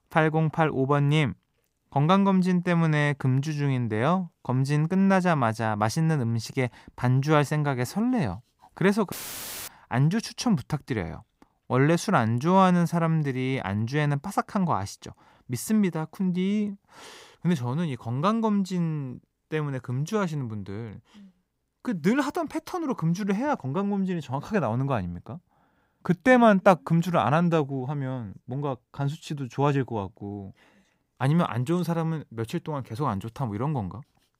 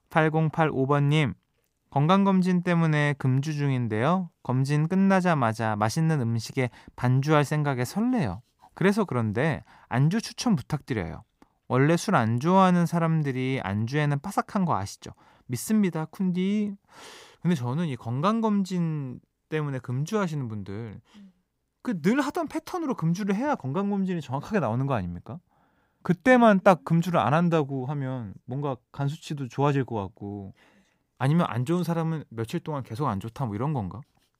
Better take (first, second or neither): second